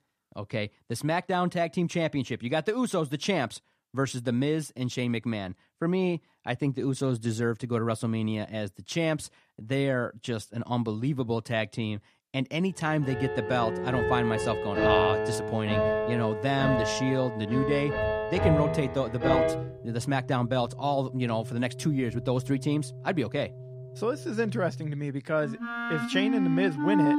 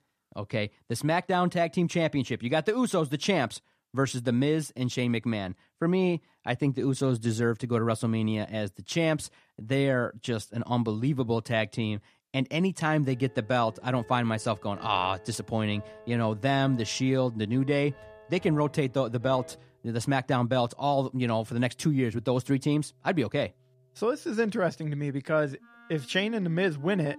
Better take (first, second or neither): second